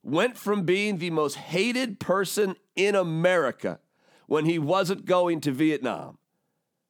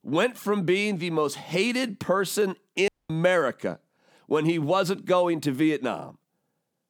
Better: first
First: none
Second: audio cutting out; at 3 s

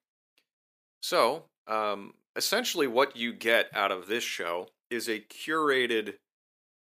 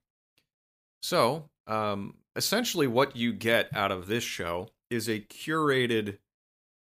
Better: second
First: thin; somewhat; fading below 350 Hz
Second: none

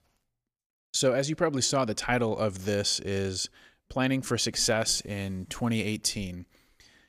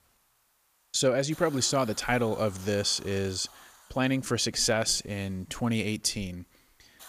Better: first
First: none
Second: hiss; faint; throughout; 25 dB below the speech

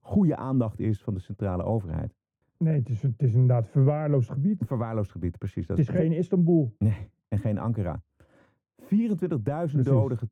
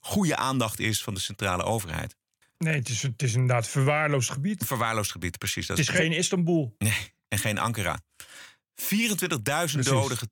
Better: second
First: muffled; very; fading above 1.5 kHz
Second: none

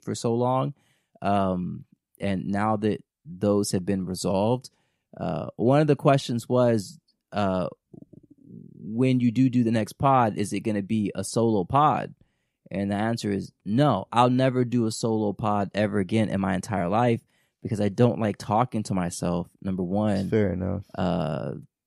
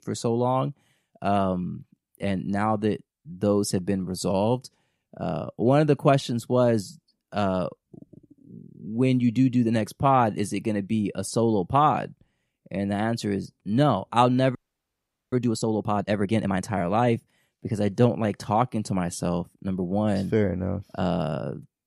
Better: first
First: none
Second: audio freezing; at 15 s for 1 s

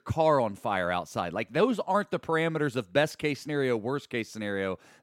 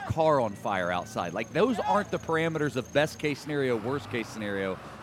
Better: first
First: none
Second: traffic noise; noticeable; throughout; 10 dB below the speech

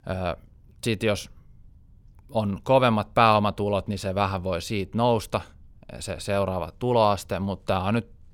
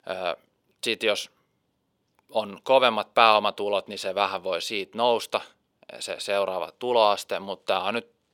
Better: first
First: none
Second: thin; somewhat; fading below 450 Hz

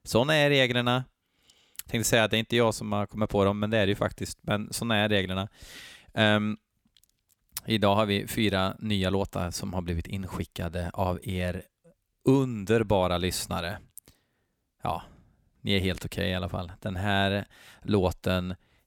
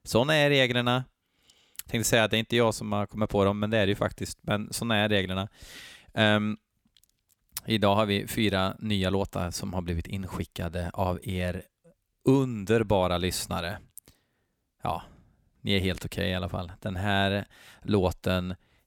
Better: neither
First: none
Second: none

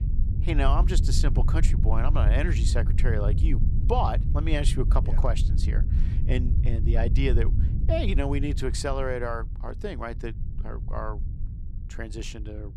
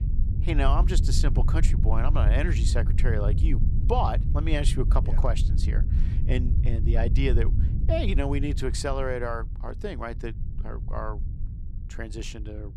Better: neither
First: low rumble; noticeable; throughout; 10 dB below the speech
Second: low rumble; noticeable; throughout; 10 dB below the speech

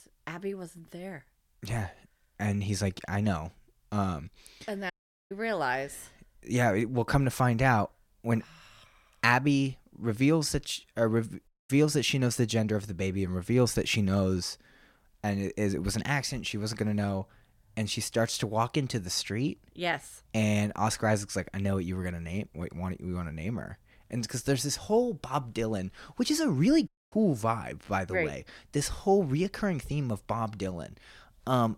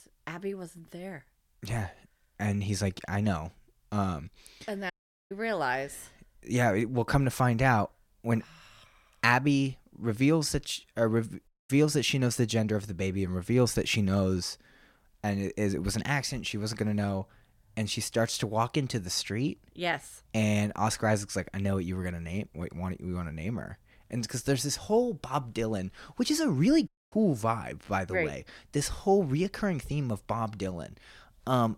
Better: neither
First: audio cutting out; at 5 s, at 11 s and at 27 s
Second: audio cutting out; at 5 s, at 11 s and at 27 s

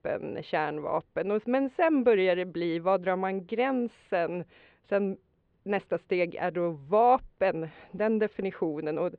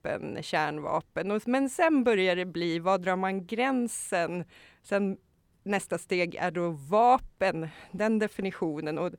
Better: second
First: muffled; slightly; fading above 3.5 kHz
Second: none

